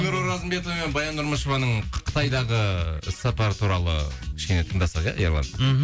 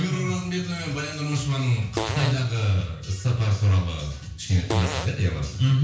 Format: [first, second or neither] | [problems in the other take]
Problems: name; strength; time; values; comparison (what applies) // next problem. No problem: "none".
first | background sound (Fart); 10 dB below the speech // room echo; dies away in 0.5 s